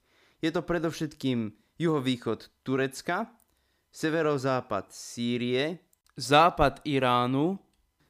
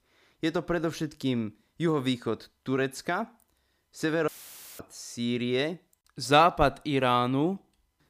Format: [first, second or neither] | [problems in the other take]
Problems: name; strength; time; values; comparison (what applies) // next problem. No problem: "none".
first | audio cutting out; filled with static; at 4.5 s for 0.5 s